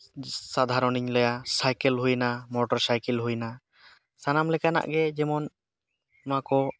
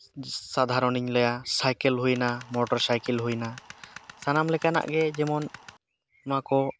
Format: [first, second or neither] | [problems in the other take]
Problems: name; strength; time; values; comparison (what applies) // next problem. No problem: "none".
first | background sound (Tools); 19 dB below the speech